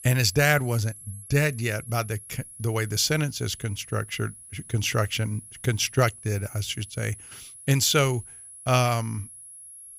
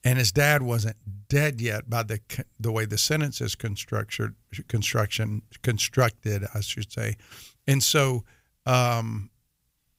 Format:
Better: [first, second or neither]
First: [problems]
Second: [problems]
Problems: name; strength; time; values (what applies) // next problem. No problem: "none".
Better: second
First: high-pitched whine; noticeable; throughout; 10.5 kHz, 15 dB below the speech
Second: none